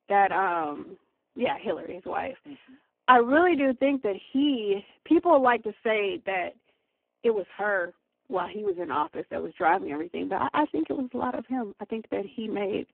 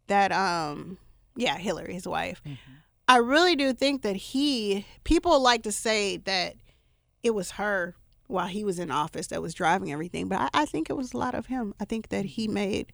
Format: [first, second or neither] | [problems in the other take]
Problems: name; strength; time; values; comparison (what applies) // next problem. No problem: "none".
second | phone-call audio; poor line